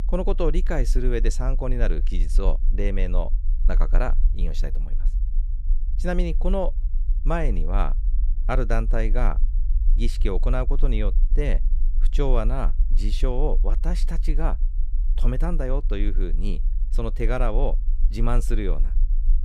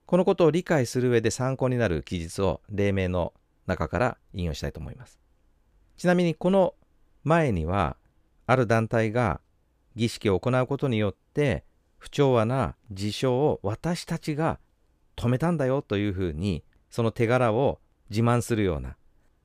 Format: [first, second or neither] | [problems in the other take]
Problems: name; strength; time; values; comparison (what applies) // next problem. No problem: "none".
second | low rumble; faint; throughout; 20 dB below the speech